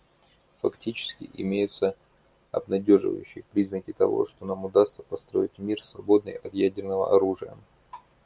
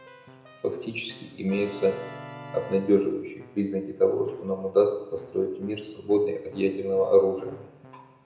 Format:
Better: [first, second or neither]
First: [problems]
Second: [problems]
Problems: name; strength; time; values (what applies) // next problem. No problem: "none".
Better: first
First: none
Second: background sound (Keyboard (musical)); 20 dB below the speech // room echo; dies away in 0.8 s